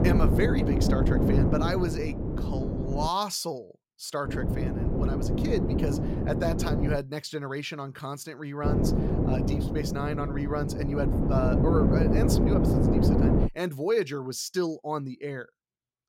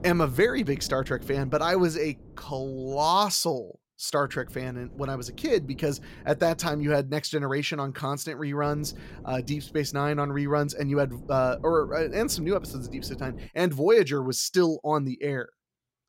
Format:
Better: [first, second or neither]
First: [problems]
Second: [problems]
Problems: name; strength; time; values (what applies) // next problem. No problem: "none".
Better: second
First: wind noise on the microphone; heavy; until 3 s, from 4.5 to 7 s and from 8.5 to 13 s; as loud as the speech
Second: wind noise on the microphone; occasional gusts; until 3 s, from 4.5 to 7 s and from 8.5 to 13 s; 25 dB below the speech